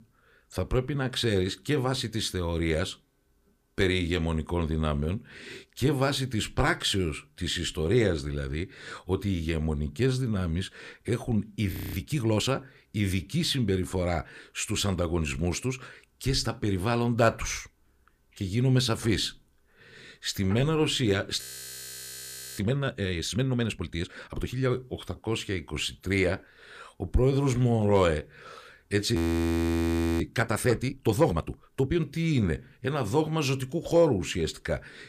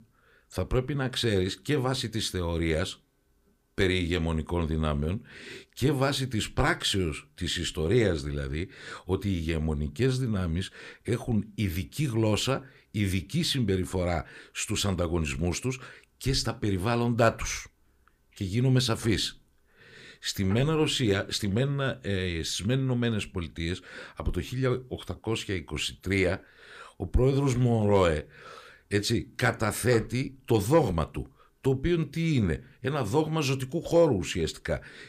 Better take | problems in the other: second | audio freezing; at 12 s, at 21 s for 1 s and at 29 s for 1 s

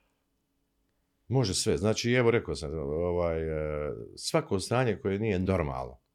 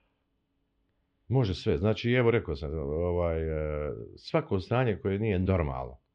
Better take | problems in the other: first | muffled; slightly; fading above 3.5 kHz

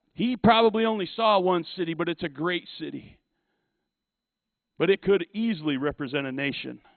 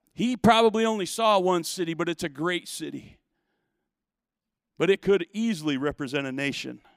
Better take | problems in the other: second | garbled, watery; badly; nothing above 4 kHz

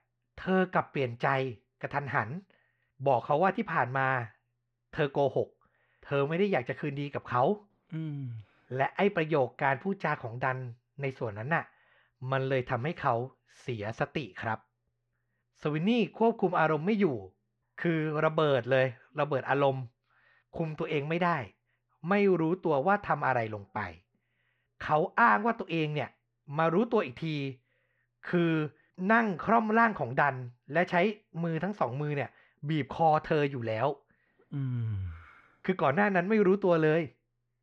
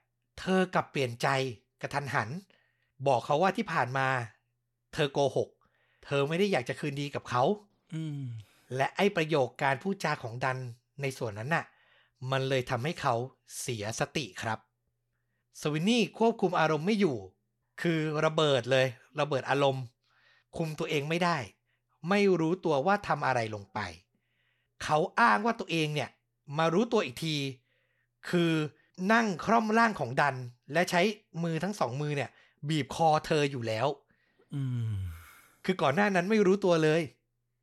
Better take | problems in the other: second | muffled; very; fading above 2 kHz

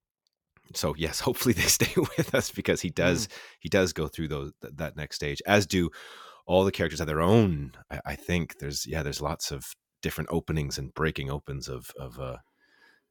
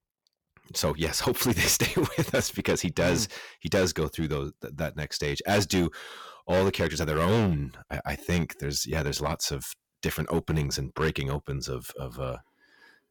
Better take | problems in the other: first | distortion; heavy; 6% of the sound clipped

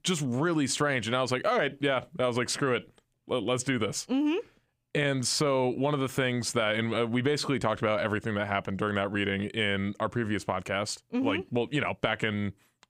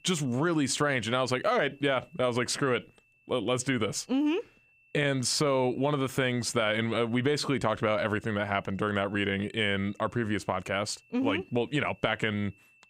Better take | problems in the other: first | high-pitched whine; faint; throughout; 2.5 kHz, 30 dB below the speech

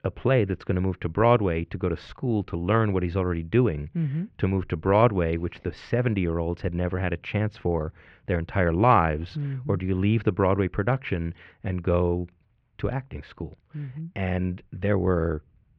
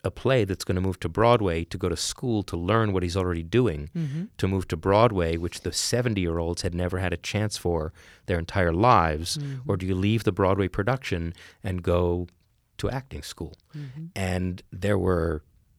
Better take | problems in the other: second | muffled; very; fading above 2.5 kHz

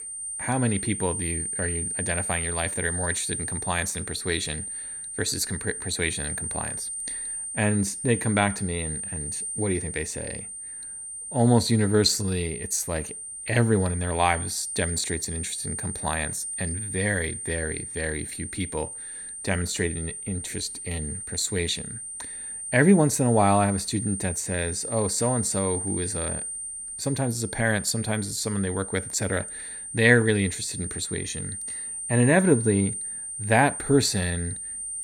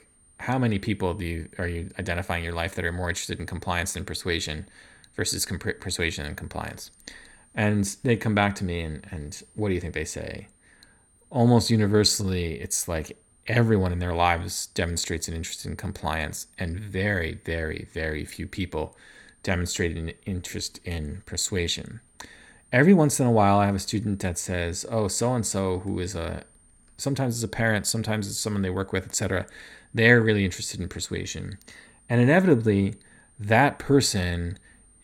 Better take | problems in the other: second | high-pitched whine; loud; throughout; 9 kHz, 5 dB below the speech; faint in the second

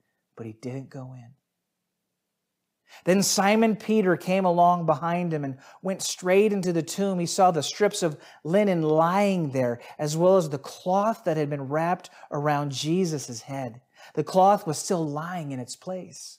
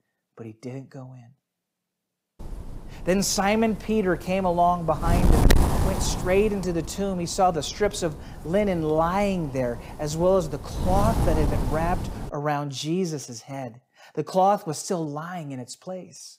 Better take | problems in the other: first | wind noise on the microphone; heavy; from 2.5 to 12 s; 7 dB below the speech

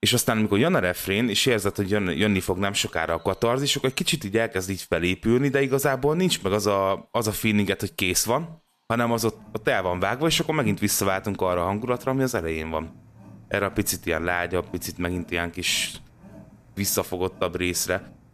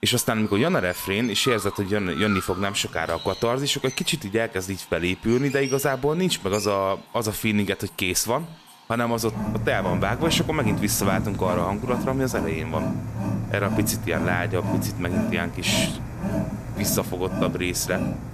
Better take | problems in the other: first | animal sounds; loud; throughout; 5 dB below the speech; faint in the first

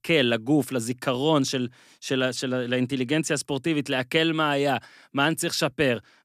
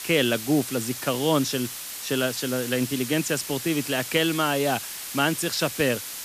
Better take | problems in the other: first | hiss; loud; throughout; 7 dB below the speech

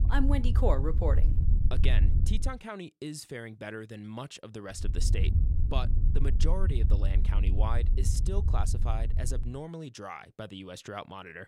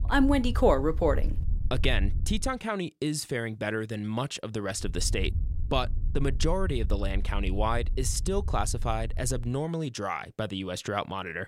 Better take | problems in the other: second | wind noise on the microphone; heavy; until 2.5 s and from 5 to 9.5 s; 8 dB below the speech; occasional gusts in the second

